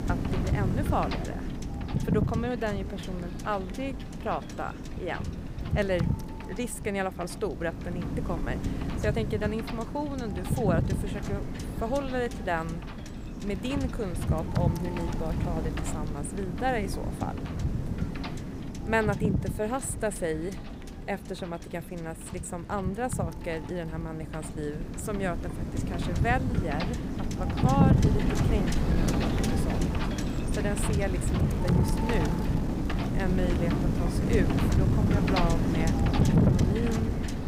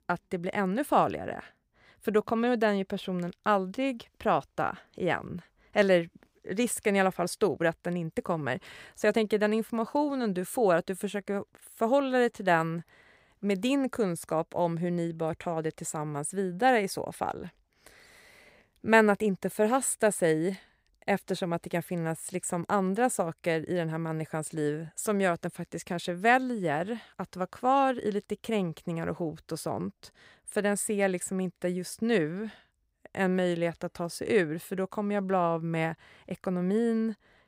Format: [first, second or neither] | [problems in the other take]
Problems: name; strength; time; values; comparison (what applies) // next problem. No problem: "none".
second | wind noise on the microphone; heavy; 3 dB below the speech